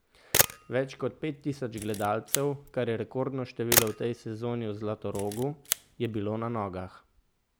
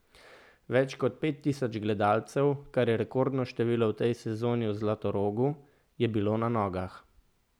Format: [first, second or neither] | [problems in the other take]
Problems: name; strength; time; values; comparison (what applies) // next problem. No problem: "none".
second | background sound (Camera); 1 dB below the speech